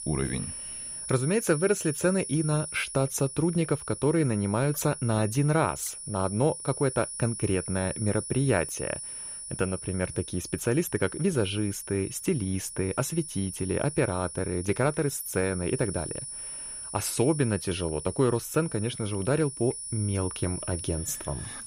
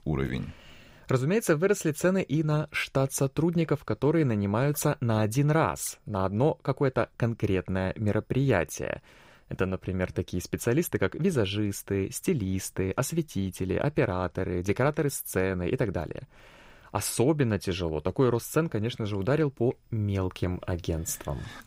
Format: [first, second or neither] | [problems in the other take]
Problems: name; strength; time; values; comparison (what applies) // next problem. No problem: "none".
second | high-pitched whine; loud; throughout; 10.5 kHz, 8 dB below the speech